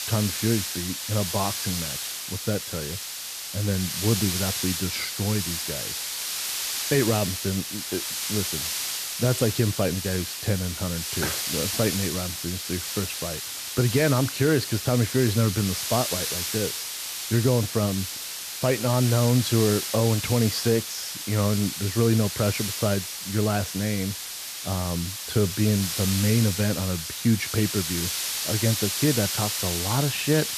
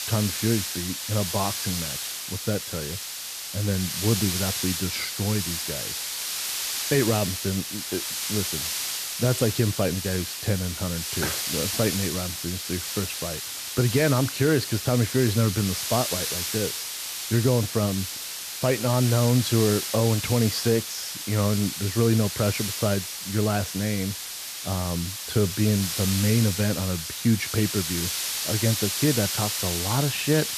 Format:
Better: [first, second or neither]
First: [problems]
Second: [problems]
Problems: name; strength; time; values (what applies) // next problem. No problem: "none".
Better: neither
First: hiss; loud; throughout; 2 dB below the speech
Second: hiss; loud; throughout; 2 dB below the speech